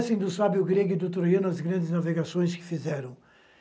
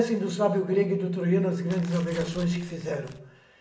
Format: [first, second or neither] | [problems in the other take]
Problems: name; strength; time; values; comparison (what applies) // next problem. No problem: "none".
first | background sound (Tearing); 18 dB below the speech // room echo; dies away in 0.7 s